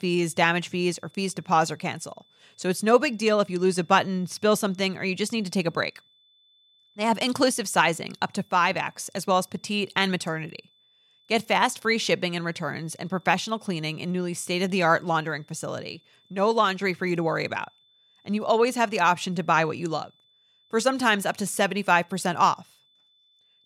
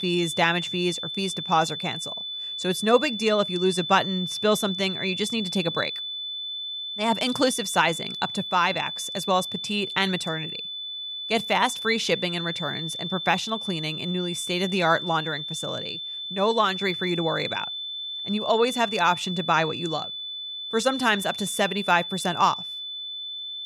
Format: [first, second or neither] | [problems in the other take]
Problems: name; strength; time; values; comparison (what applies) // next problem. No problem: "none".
first | high-pitched whine; loud; throughout; 3.5 kHz, 5 dB below the speech; faint in the first